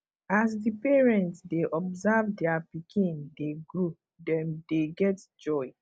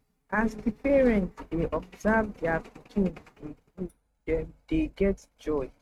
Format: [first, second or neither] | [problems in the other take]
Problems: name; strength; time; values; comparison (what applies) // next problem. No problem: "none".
first | noise reduction (neural mask model RNNoise)